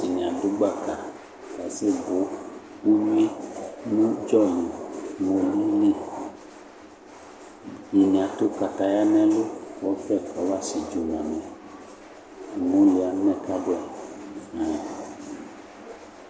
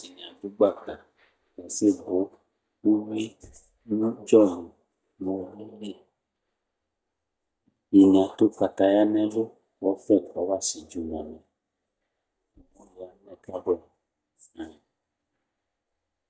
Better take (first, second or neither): first